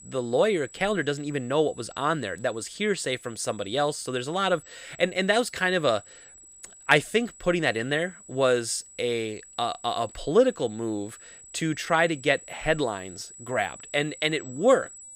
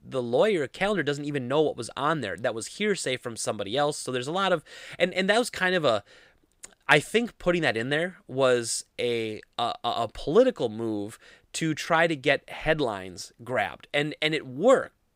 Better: second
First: high-pitched whine; noticeable; throughout; 8 kHz, 20 dB below the speech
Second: none

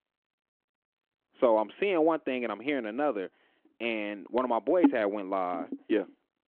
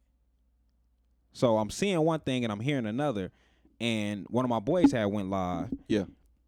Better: second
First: phone-call audio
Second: none

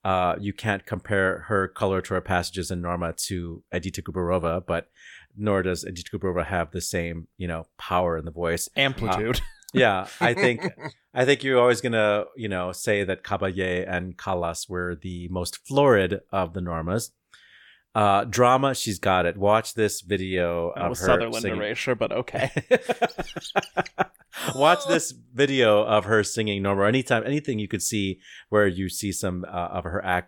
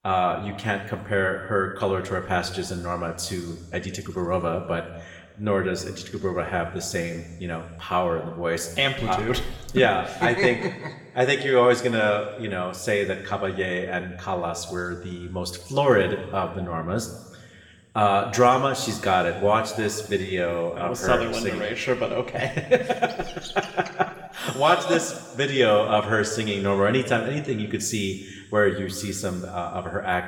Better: first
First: none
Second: room echo; slight; dies away in 1.3 s // off-mic speech; somewhat distant

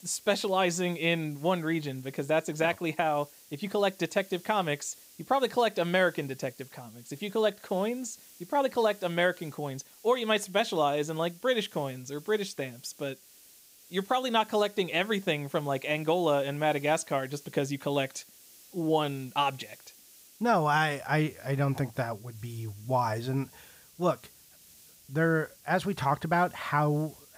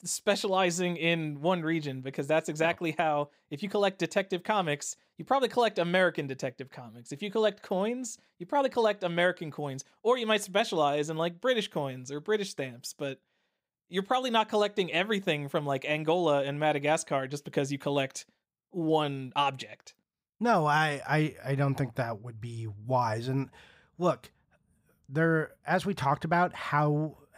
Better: second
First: hiss; faint; throughout; 25 dB below the speech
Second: none

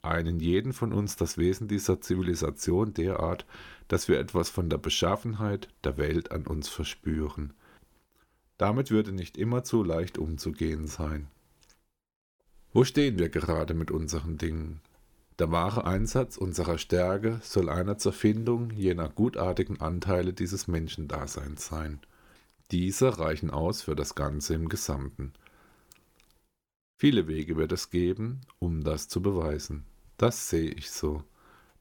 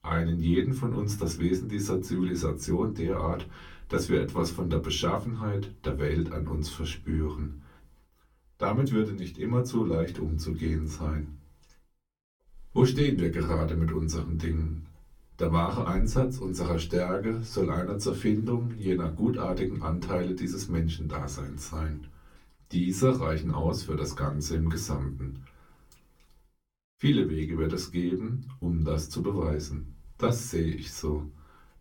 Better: first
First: none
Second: off-mic speech; far // room echo; very slight; dies away in 0.2 s

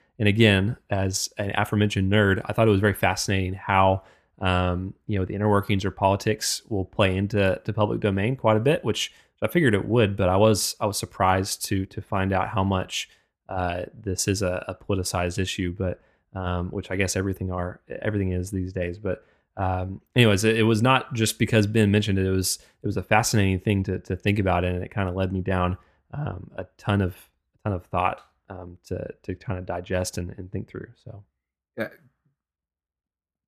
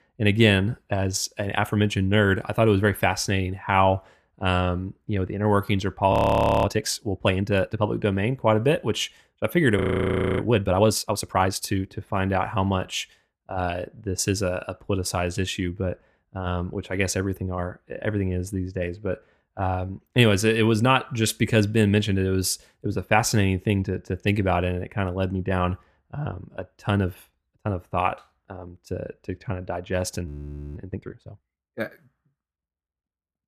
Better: first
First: none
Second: audio freezing; at 6 s for 0.5 s, at 10 s for 0.5 s and at 30 s

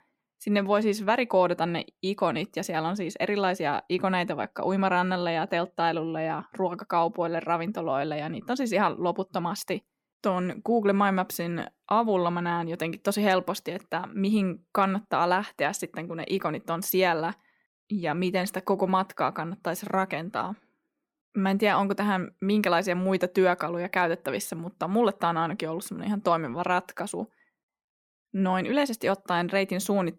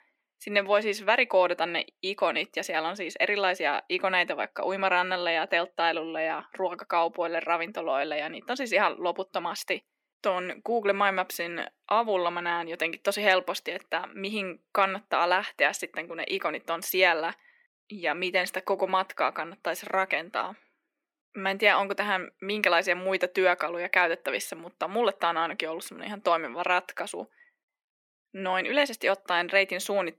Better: first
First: none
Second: thin; somewhat; fading below 300 Hz

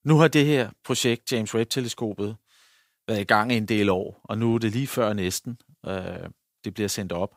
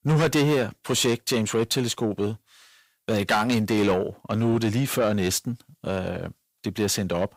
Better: first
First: none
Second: distortion; heavy; 7 dB below the speech

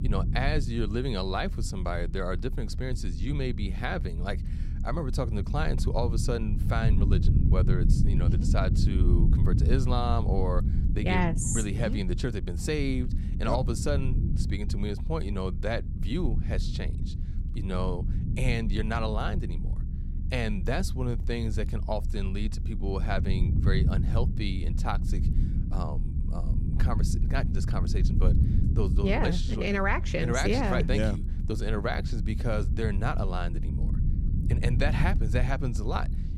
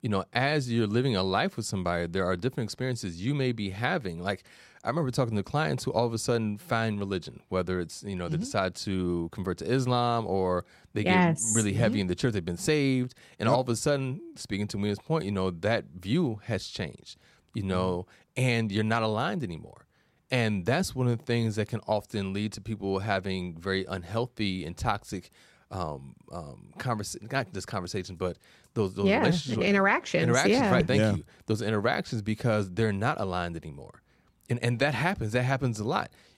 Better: second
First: low rumble; loud; throughout; 10 dB below the speech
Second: none

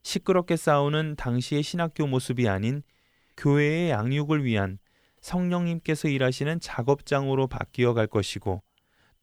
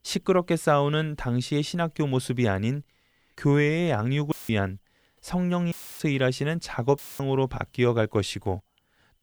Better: first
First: none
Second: audio cutting out; filled with static; at 4.5 s, at 5.5 s and at 7 s

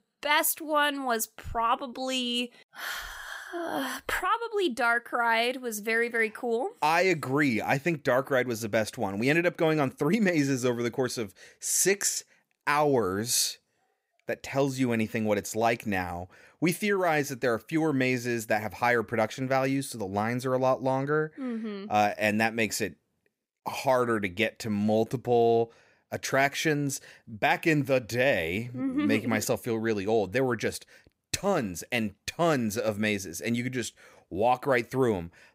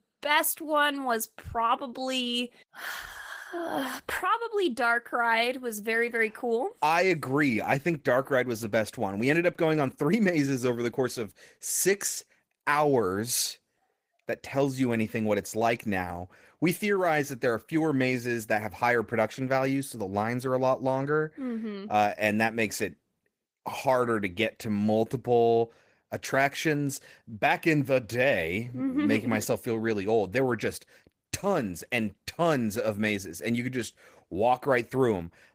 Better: first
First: none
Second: garbled, watery; slightly; nothing above 15.5 kHz

